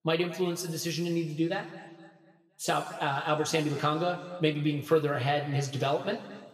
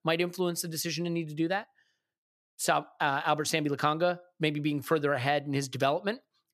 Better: second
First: room echo; slight; dies away in 1.7 s // off-mic speech; somewhat distant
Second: none

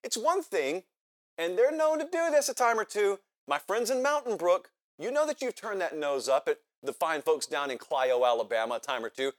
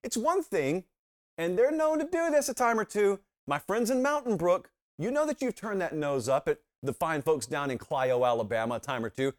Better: second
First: thin; somewhat; fading below 450 Hz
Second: none

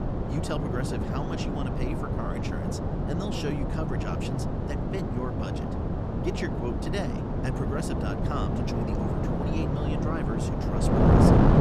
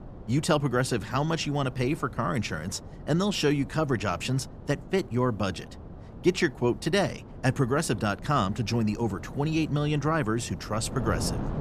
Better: second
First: wind noise on the microphone; heavy; 5 dB above the speech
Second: wind noise on the microphone; occasional gusts; 15 dB below the speech

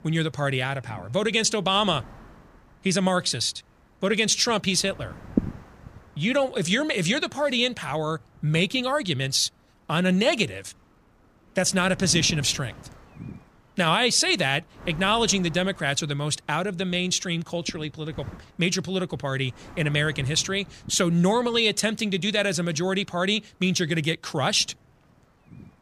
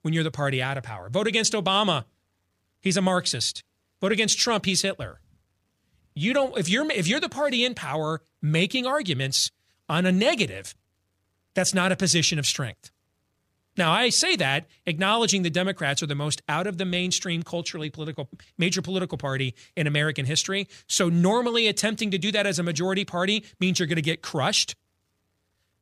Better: second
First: wind noise on the microphone; occasional gusts; 20 dB below the speech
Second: none

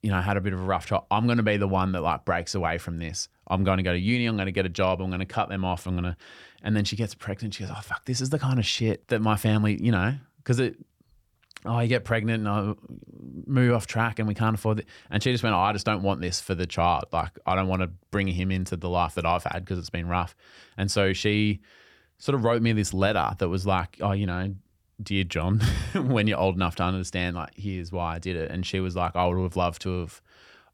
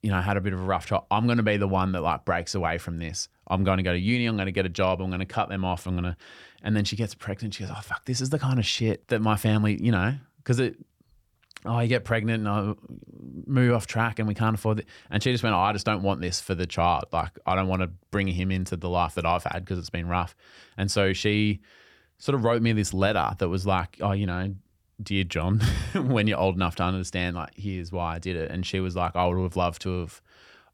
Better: neither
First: none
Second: none

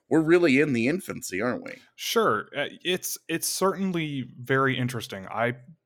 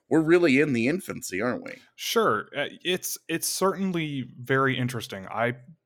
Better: neither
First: none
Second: none

